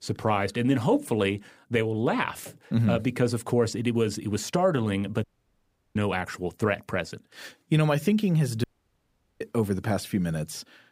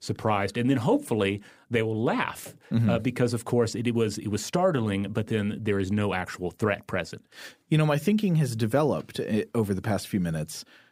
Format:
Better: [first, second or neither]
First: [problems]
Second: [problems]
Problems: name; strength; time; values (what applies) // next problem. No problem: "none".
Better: second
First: audio cutting out; at 5 s for 0.5 s and at 8.5 s for 1 s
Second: none